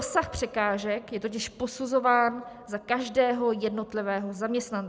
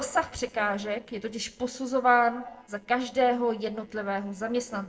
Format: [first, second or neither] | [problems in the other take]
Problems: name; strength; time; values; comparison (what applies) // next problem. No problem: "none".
first | noise reduction (neural separator model SepFormer DNS4)